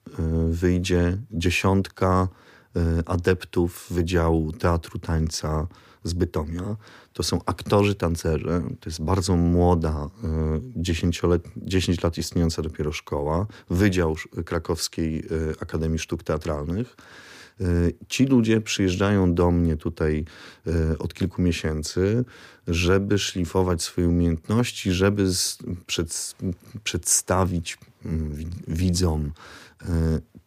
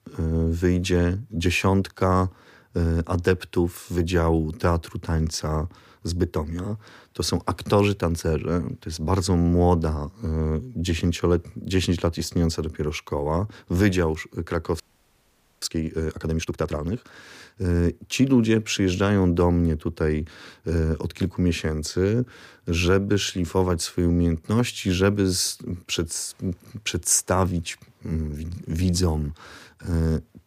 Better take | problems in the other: first | audio freezing; at 15 s for 1 s

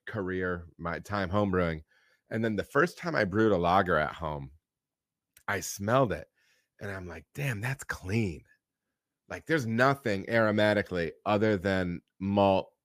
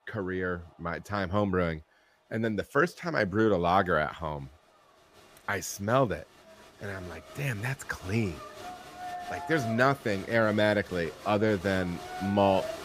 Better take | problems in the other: first | crowd noise; noticeable; throughout; 15 dB below the speech

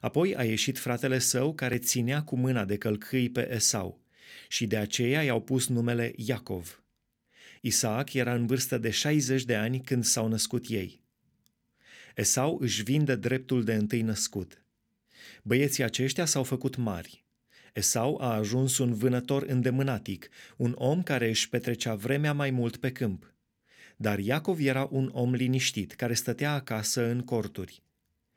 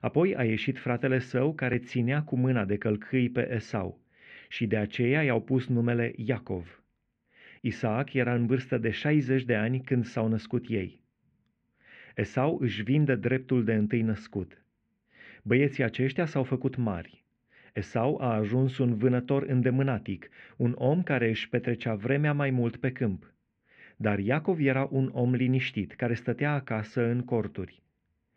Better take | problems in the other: first | muffled; very; fading above 2.5 kHz

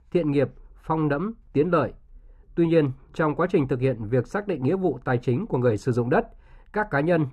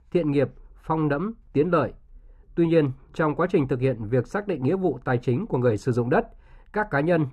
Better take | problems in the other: neither | muffled; slightly; fading above 2.5 kHz; the same in both

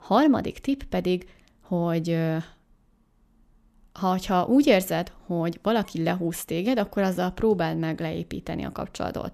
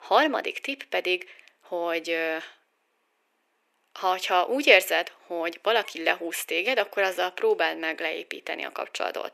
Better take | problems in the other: first | thin; very; fading below 400 Hz

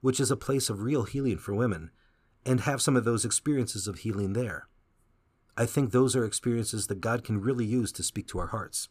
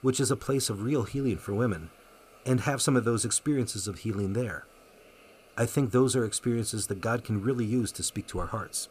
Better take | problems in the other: first | hiss; faint; throughout; 25 dB below the speech

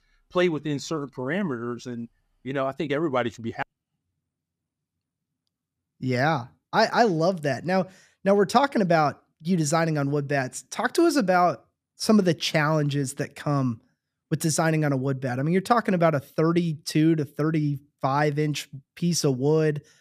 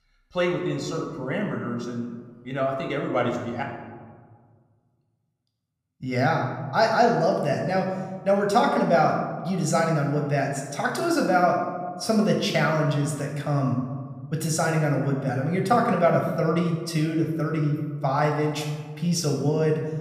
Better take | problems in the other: first | room echo; noticeable; dies away in 1.3 s // off-mic speech; somewhat distant

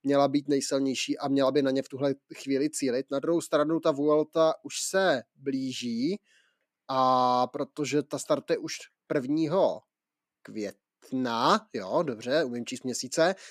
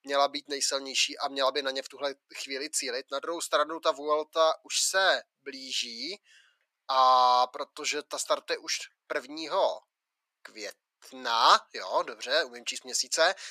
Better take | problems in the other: first | thin; very; fading below 900 Hz

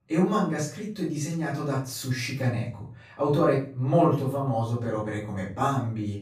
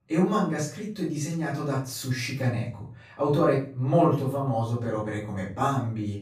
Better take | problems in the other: neither | off-mic speech; far; the same in both // room echo; noticeable; dies away in 0.4 s; the same in both

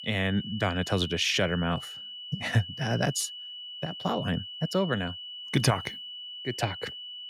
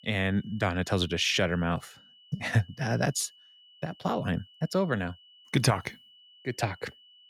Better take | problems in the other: second | high-pitched whine; loud; throughout; 3 kHz, 9 dB below the speech; faint in the second

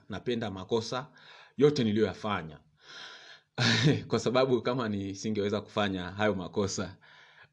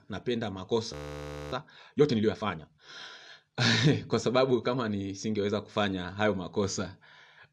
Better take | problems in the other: first | audio freezing; at 1 s for 0.5 s

